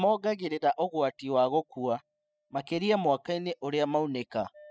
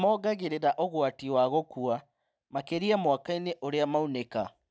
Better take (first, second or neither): second